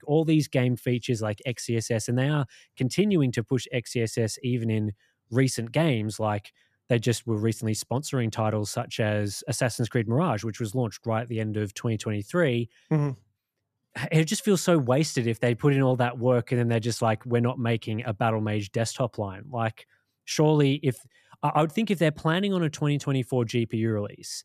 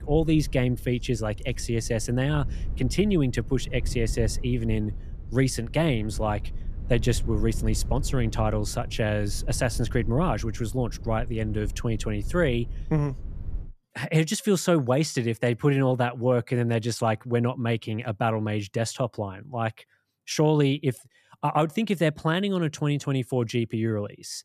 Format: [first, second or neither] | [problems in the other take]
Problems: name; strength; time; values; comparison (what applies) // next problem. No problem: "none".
first | low rumble; faint; until 14 s; 20 dB below the speech